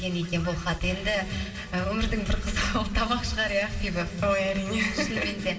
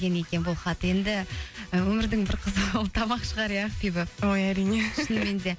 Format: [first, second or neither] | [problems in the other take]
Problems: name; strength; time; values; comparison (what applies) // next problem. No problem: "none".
second | room echo; dies away in 2.3 s